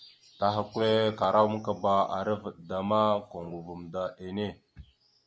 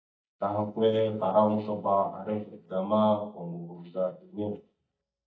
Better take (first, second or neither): first